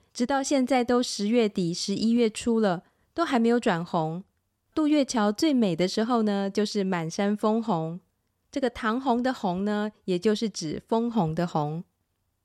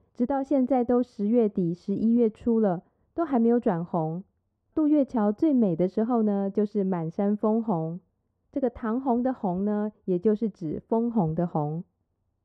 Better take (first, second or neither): first